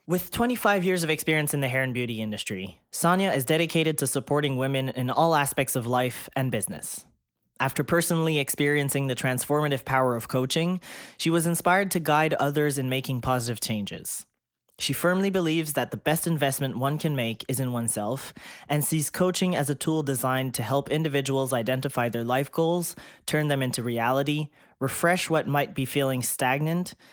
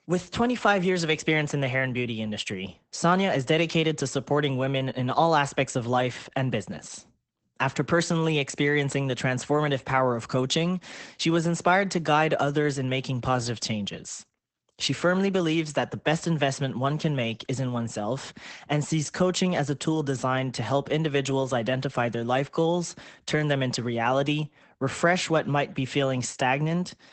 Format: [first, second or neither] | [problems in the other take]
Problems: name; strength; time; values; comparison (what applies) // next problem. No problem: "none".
first | garbled, watery; badly; nothing above 8 kHz; slightly in the first